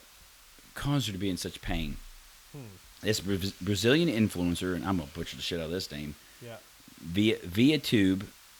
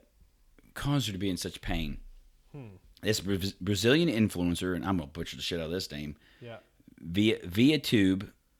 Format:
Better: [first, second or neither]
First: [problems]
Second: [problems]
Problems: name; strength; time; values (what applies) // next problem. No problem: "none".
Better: second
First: hiss; faint; throughout; 20 dB below the speech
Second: none